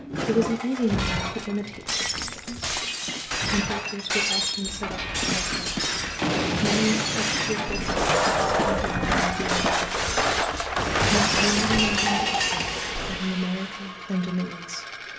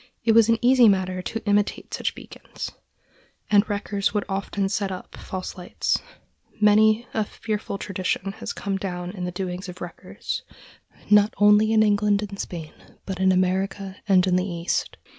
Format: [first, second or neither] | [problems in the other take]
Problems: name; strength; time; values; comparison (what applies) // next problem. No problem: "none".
second | background sound (Shatter); 5 dB above the speech // room echo; dies away in 0.3 s